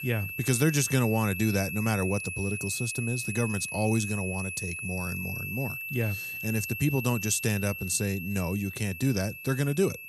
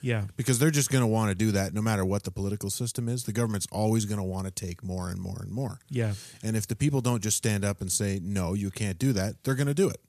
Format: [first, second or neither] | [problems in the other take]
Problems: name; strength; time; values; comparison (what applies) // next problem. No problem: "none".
second | high-pitched whine; loud; throughout; 2.5 kHz, 6 dB below the speech